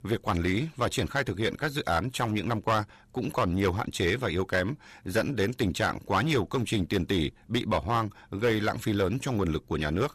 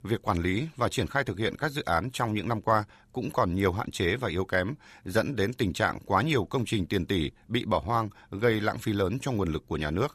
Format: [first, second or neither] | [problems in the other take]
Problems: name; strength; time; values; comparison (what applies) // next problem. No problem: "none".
second | distortion; slight; 7% of the sound clipped